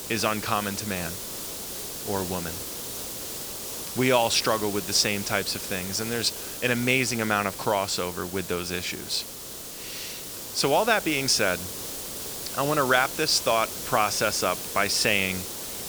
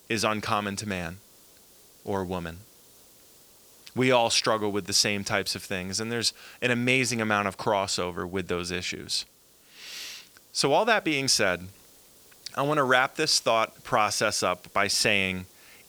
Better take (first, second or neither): second